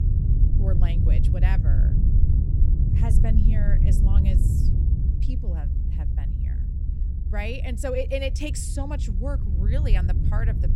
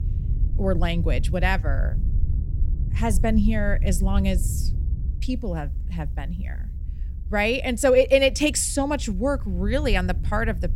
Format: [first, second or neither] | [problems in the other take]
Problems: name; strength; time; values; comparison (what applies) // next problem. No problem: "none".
second | low rumble; loud; throughout; 5 dB below the speech; faint in the second